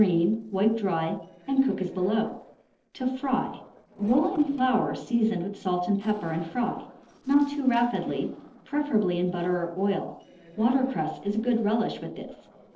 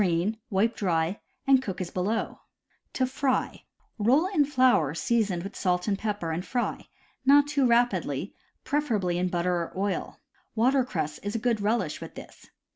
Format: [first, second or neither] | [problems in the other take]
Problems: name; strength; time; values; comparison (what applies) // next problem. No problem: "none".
second | noise reduction (neural separator model SepFormer DNS4)